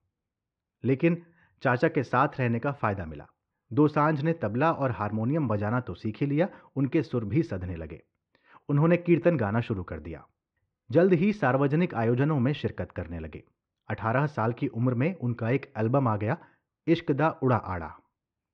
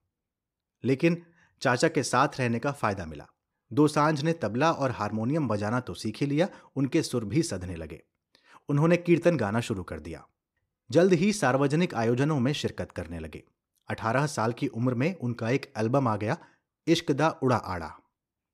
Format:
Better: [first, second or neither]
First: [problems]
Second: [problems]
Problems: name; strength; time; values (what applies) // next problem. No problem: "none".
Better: second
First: muffled; very; fading above 2.5 kHz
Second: none